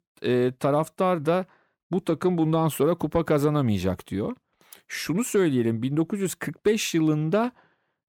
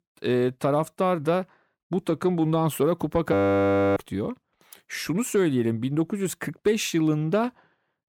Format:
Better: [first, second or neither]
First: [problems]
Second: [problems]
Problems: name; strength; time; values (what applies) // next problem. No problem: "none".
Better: first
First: none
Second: audio freezing; at 3.5 s for 0.5 s